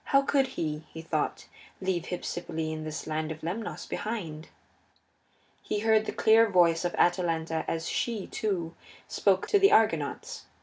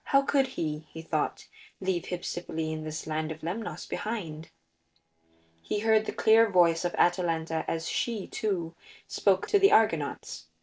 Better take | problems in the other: first | noise reduction (neural separator model SepFormer DNS4)

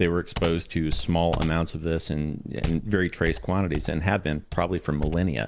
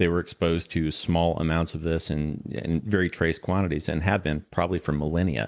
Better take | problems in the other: second | background sound (Computer keyboard); 9 dB below the speech

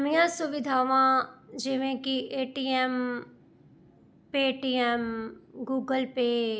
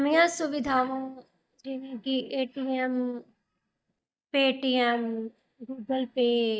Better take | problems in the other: first | noise reduction (neural mask model DeepFilterNet 3)

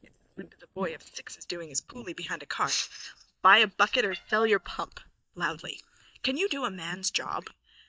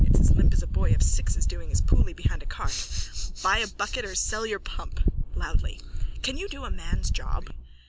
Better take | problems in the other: second | noise reduction (neural mask model DeepFilterNet 3)

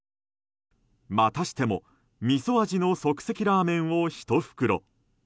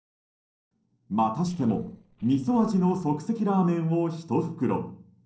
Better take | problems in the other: first | noise reduction (neural separator model SepFormer DNS4)

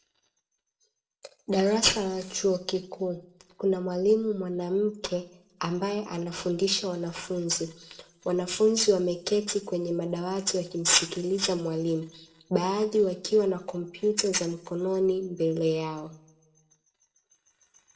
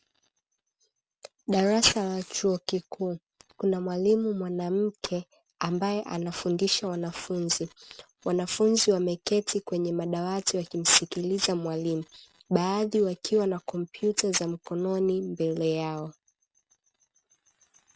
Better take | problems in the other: second | room echo; dies away in 0.4 s

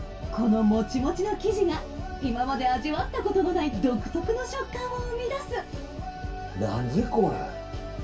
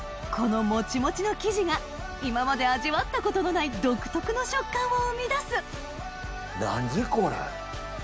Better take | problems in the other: second | room echo; dies away in 0.2 s

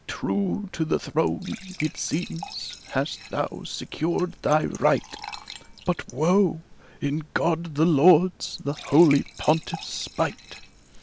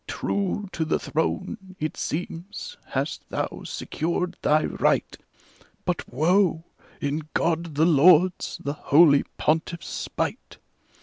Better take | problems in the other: second | background sound (Fill (with liquid) / Trickle, dribble / Glass); 18 dB below the speech

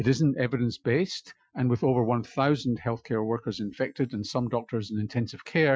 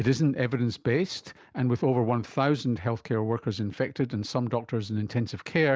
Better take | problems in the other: second | noise reduction (classical method Wiener filter)

